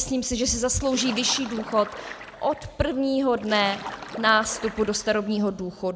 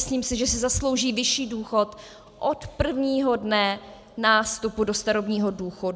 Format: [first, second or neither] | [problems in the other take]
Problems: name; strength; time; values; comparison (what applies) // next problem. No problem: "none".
second | background sound (Splash, splatter); 14 dB below the speech